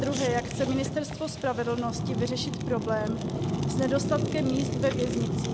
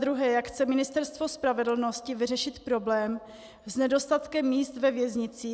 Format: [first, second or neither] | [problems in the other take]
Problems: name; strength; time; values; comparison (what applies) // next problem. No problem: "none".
second | background sound (Fire); as loud as the speech